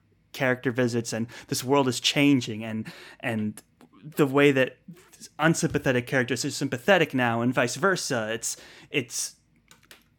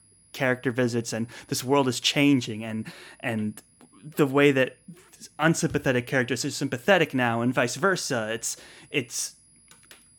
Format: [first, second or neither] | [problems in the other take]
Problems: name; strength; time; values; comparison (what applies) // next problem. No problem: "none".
first | high-pitched whine; faint; throughout; 10.5 kHz, 30 dB below the speech